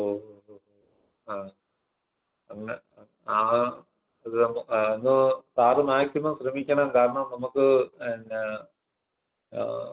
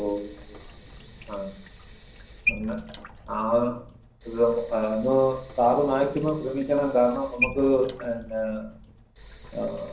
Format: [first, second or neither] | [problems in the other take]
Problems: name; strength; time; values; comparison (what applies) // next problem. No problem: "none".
first | background sound (Sink (filling or washing) / Water tap, faucet); 11 dB below the speech // room echo; dies away in 0.6 s